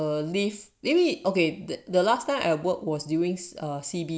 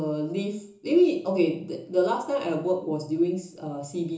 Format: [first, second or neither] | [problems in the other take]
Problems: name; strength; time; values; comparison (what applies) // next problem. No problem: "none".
first | room echo; dies away in 0.6 s